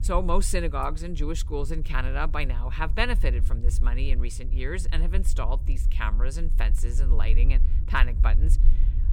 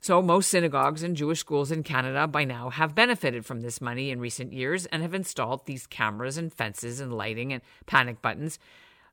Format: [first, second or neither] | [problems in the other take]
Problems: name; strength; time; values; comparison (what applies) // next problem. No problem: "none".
second | low rumble; noticeable; throughout; 15 dB below the speech